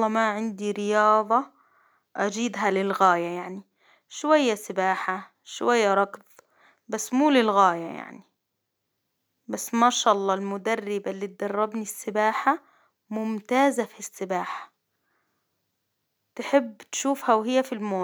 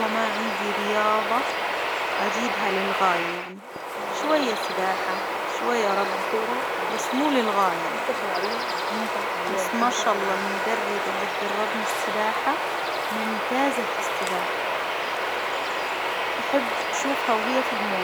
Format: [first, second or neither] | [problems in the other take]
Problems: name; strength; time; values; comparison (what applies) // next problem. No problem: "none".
first | background sound (Bird vocalization, bird call, bird song); 2 dB above the speech